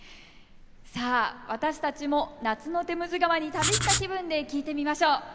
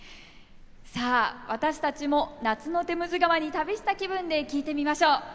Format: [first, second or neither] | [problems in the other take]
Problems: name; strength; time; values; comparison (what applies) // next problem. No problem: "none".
second | background sound (Writing); 2 dB above the speech